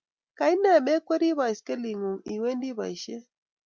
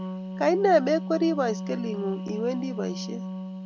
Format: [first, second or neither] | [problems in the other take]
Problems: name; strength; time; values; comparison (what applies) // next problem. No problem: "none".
first | background sound (Wind instrument, woodwind instrument); 7 dB below the speech